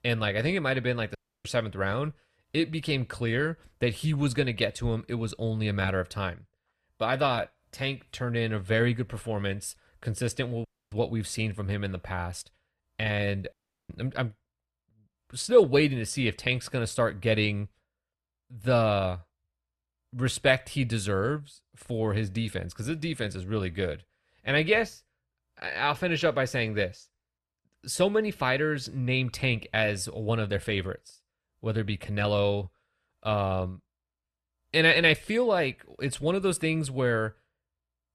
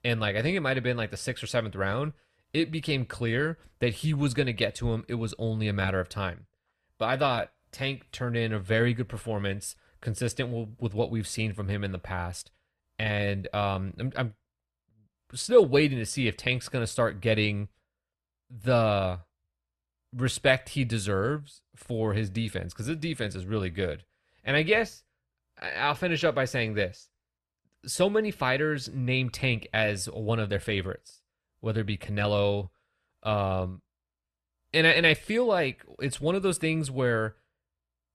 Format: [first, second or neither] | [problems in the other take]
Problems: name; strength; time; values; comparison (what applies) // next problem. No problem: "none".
second | audio cutting out; at 1 s, at 11 s and at 14 s